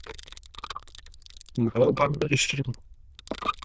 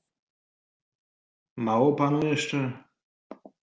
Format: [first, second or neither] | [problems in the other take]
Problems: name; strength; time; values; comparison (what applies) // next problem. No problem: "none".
second | noise reduction (neural diffusion model UNIVERSE++)